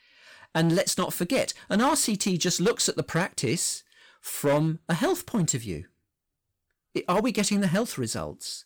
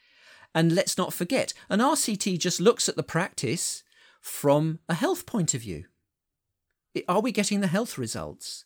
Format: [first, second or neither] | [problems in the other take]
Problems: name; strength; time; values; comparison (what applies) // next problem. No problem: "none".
second | distortion; slight; 5% of the sound clipped